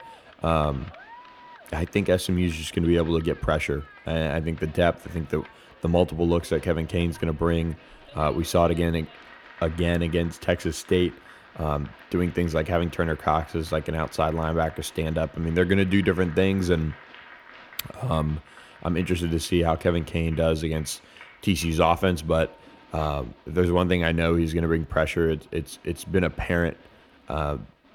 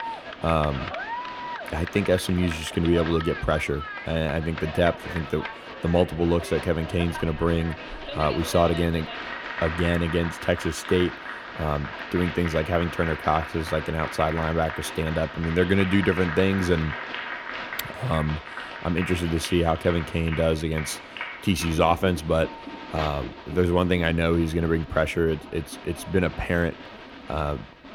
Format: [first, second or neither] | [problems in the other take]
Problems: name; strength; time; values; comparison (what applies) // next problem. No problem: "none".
first | crowd noise; loud; throughout; 9 dB below the speech; faint in the first